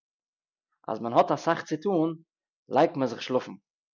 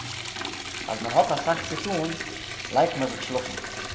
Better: first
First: none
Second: background sound (Liquid); 6 dB below the speech // room echo; dies away in 1.3 s

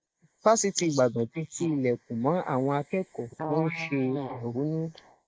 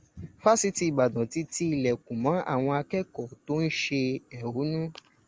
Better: second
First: noise reduction (neural mask model Resemble Enhance denoiser)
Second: none

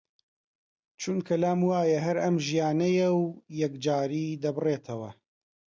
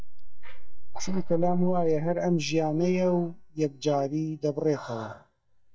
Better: first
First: none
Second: noise reduction (neural mask model DeepFilterNet 3)

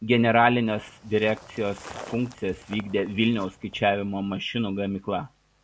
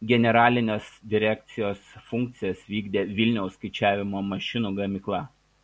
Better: second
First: background sound (Walk, footsteps); 19 dB below the speech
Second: none

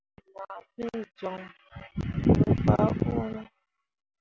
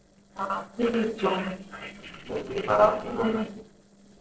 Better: first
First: none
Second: noise reduction (neural separator model SepFormer DNS4)

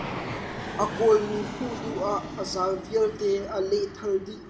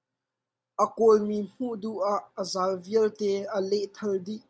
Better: second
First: background sound (Fixed-wing aircraft, airplane); 9 dB below the speech // room echo; dies away in 1.6 s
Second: none

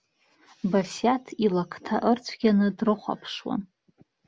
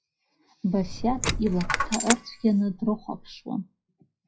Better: first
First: none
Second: noise reduction (classical method WPE with log-MMSE)

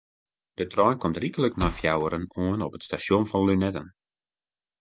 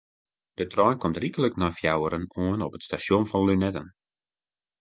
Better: second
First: background sound (Thump, thud); 12 dB below the speech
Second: none

